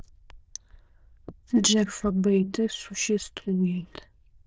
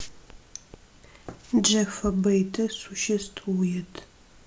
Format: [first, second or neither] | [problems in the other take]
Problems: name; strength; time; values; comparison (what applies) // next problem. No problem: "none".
second | noise reduction (neural diffusion model UNIVERSE++)